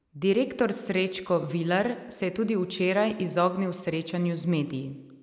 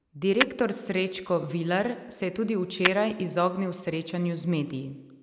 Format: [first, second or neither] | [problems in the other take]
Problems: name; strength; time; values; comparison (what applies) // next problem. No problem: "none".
first | background sound (Tap / Hammer); 8 dB below the speech